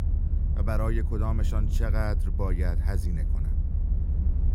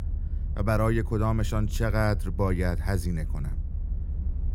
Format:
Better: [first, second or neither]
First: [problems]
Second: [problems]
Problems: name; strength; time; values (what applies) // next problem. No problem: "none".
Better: second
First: low rumble; loud; throughout; 9 dB below the speech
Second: low rumble; faint; throughout; 20 dB below the speech